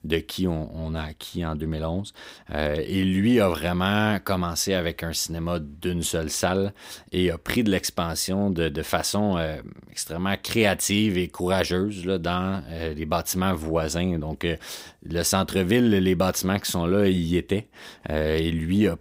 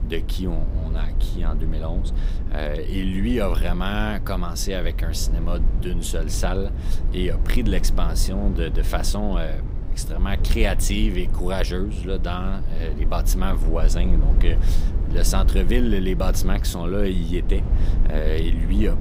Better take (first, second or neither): first